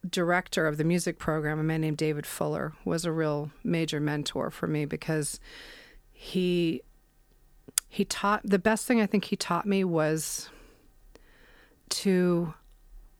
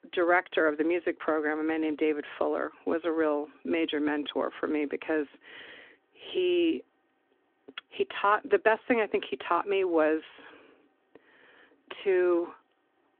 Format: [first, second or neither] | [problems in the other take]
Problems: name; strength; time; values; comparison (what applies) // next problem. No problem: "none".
first | phone-call audio; nothing above 3.5 kHz